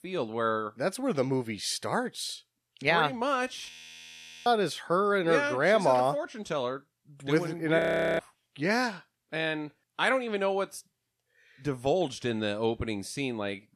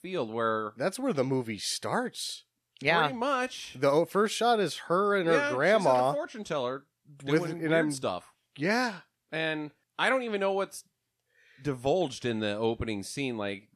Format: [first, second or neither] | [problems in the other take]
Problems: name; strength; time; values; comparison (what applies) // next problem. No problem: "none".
second | audio freezing; at 3.5 s for 1 s and at 8 s